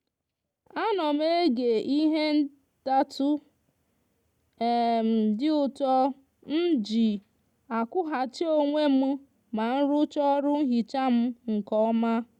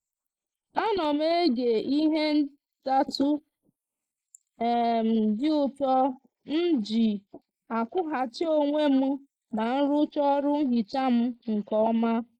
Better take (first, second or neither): first